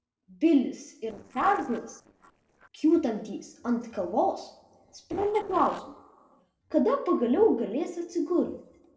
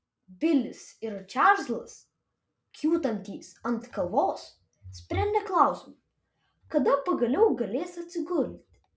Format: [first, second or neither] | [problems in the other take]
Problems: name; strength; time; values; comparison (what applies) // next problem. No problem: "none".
second | noise reduction (neural separator model SepFormer DNS4)